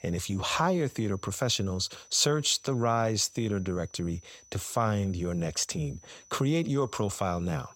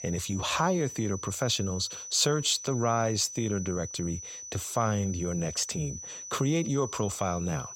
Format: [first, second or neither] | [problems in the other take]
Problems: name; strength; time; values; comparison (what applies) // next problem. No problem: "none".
first | high-pitched whine; loud; throughout; 6 kHz, 10 dB below the speech; faint in the first